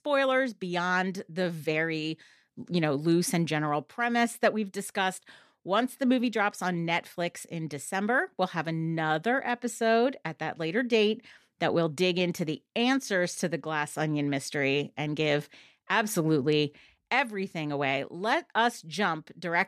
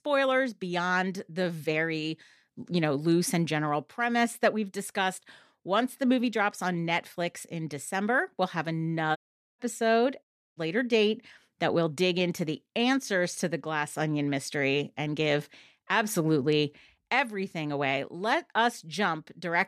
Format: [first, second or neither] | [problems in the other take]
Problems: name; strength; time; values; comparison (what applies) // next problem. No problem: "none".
first | audio cutting out; at 9 s and at 10 s